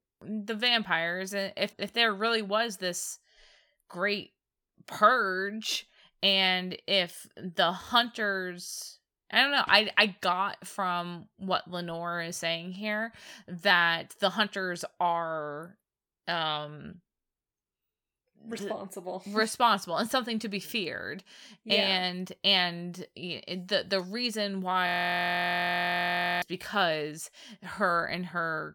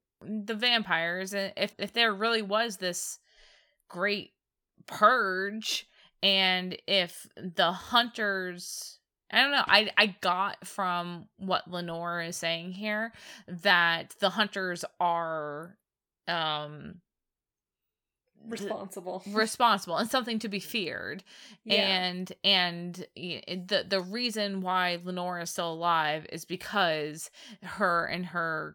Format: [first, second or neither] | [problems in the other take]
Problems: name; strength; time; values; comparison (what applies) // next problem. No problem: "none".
second | audio freezing; at 25 s for 1.5 s